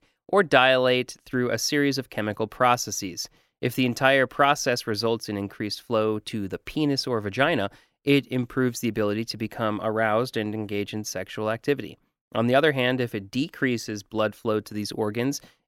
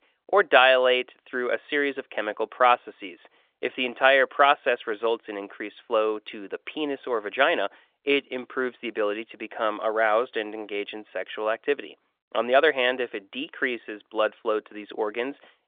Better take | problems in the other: first | phone-call audio; nothing above 3.5 kHz

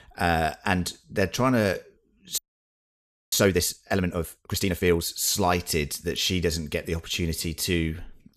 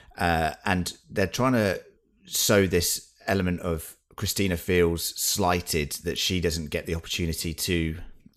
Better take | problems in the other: second | audio freezing; at 2.5 s for 1 s

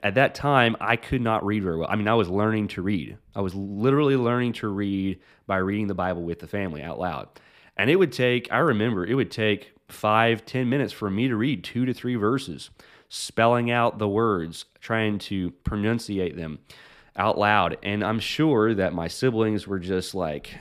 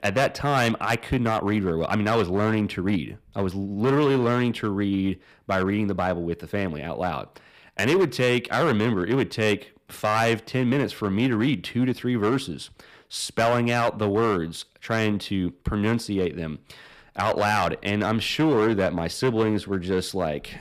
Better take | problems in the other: first | distortion; slight; 6% of the sound clipped

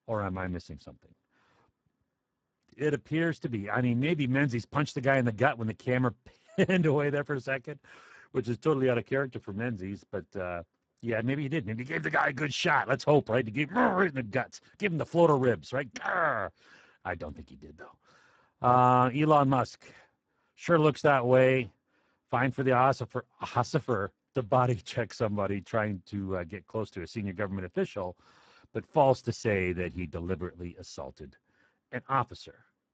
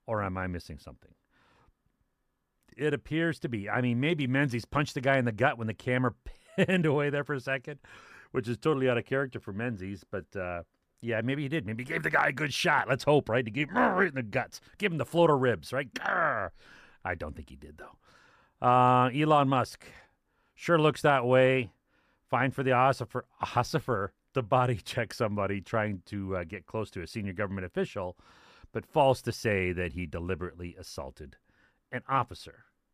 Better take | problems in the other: second | garbled, watery; badly; nothing above 7.5 kHz

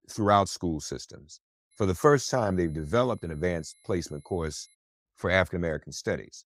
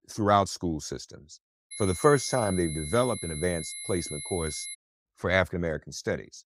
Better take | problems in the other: first | high-pitched whine; loud; from 1.5 to 4.5 s; 11 kHz, 8 dB below the speech; faint in the first

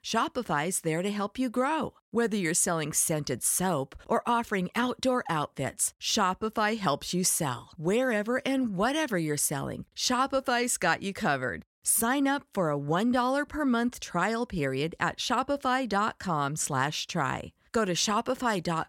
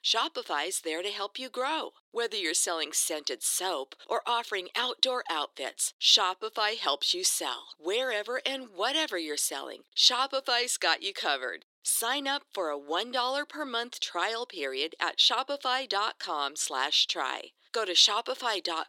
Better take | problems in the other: first | thin; very; fading below 350 Hz

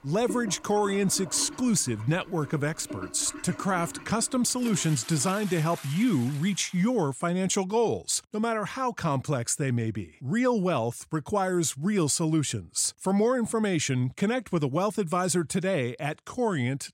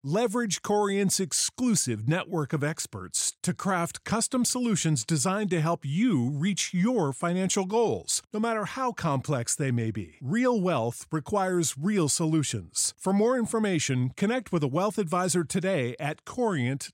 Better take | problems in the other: second | household noises; noticeable; until 6.5 s; 15 dB below the speech

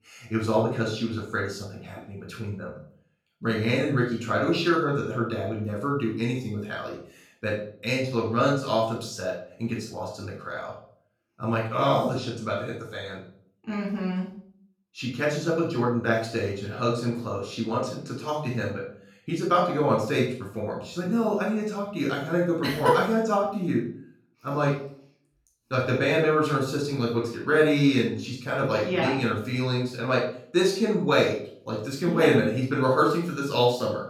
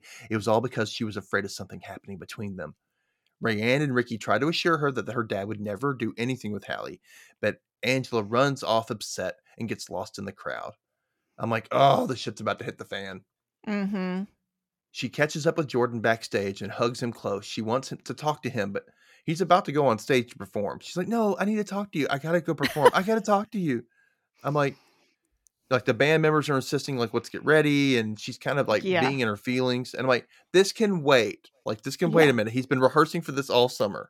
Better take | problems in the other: second | off-mic speech; far // room echo; noticeable; dies away in 0.4 s

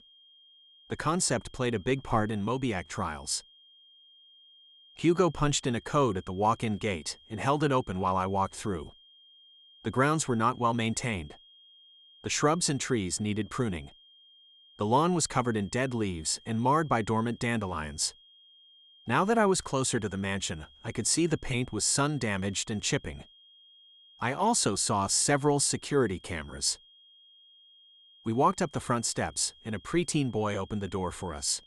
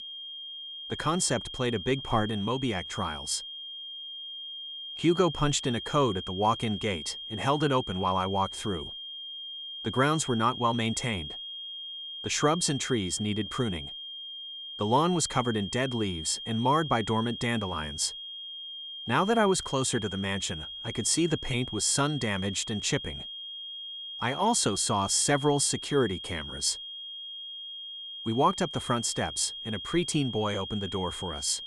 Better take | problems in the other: first | high-pitched whine; loud; throughout; 3 kHz, 9 dB below the speech; faint in the first

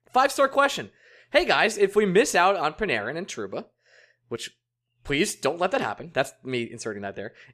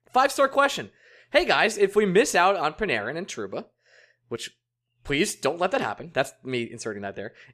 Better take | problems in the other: neither | none

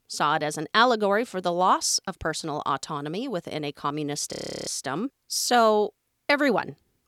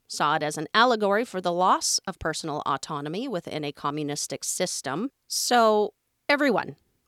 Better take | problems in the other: second | audio freezing; at 4.5 s

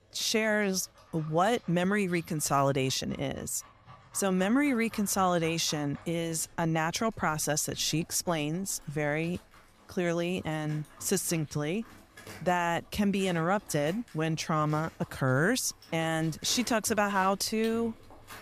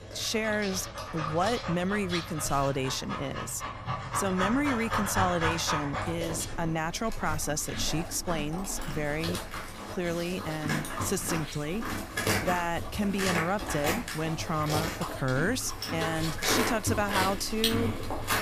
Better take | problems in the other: first | animal sounds; loud; throughout; 2 dB below the speech; faint in the first

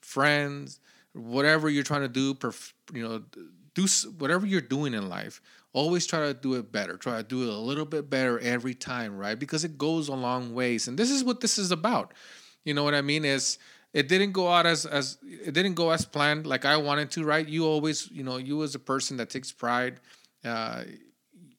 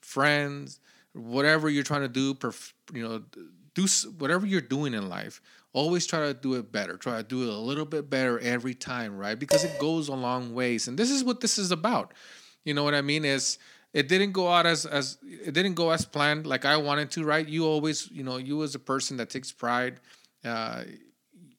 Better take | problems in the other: first | clattering dishes; loud; at 9.5 s; peak 1 dB above the speech

